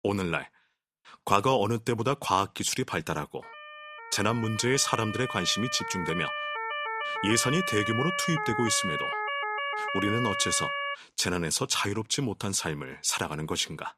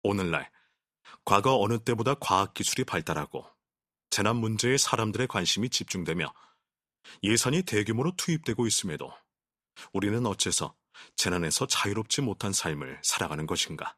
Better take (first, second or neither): second